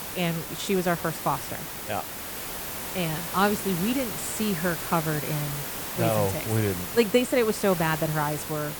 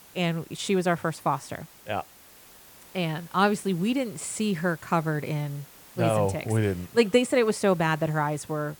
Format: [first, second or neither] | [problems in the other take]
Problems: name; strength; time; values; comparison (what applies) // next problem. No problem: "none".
second | hiss; loud; throughout; 5 dB below the speech; faint in the second